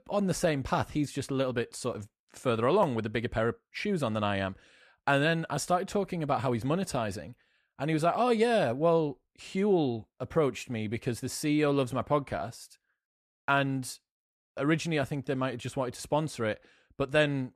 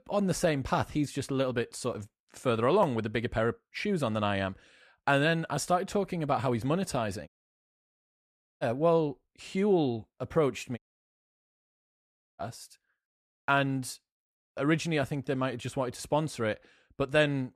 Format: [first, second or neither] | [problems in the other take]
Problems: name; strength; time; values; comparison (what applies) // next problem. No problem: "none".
first | audio cutting out; at 7.5 s for 1.5 s and at 11 s for 1.5 s